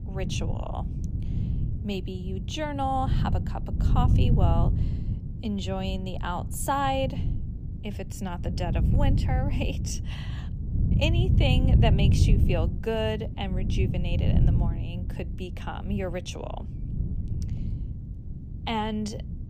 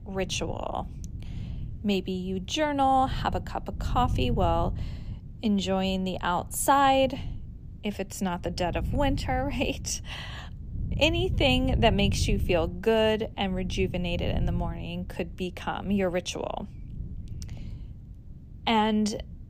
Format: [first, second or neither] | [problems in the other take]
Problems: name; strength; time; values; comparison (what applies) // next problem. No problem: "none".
second | wind noise on the microphone; heavy; 8 dB below the speech; occasional gusts in the second